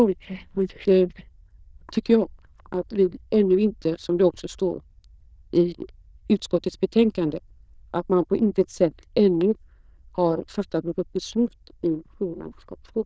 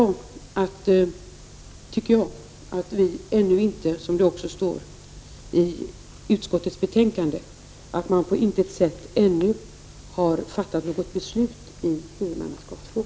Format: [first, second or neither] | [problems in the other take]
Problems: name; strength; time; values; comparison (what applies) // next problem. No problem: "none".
second | noise reduction (neural diffusion model UNIVERSE++)